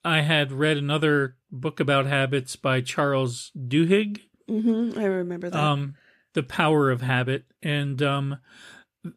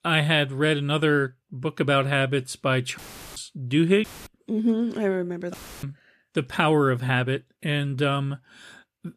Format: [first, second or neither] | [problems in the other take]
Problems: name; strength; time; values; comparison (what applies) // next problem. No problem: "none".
first | audio cutting out; filled with static; at 3 s, at 4 s and at 5.5 s